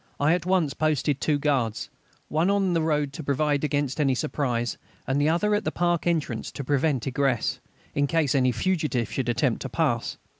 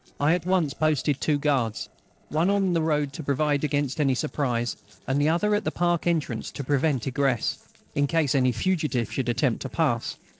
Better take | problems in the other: first | noise reduction (neural separator model SepFormer DNS4)

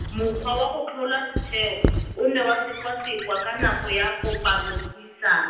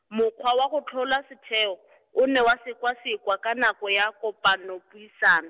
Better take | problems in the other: second | background sound (Squeak / Writing); 5 dB below the speech // room echo; dies away in 0.9 s

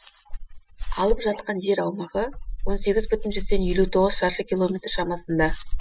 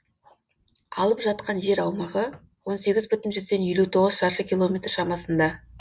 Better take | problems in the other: second | noise reduction (classical method spectral subtraction)

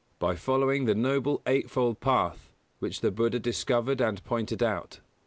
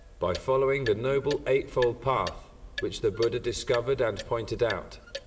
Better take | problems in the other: first | background sound (Clock); 14 dB below the speech // room echo; dies away in 1.7 s

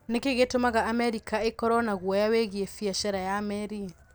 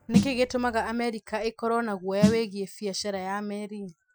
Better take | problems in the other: first | noise reduction (classical method Wiener filter)

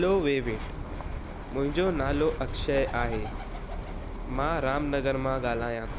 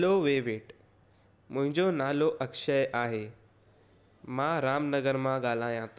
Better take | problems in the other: second | background sound (Bird); 5 dB below the speech

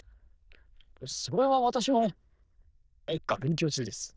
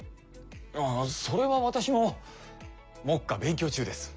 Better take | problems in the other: second | noise reduction (neural diffusion model UNIVERSE++)

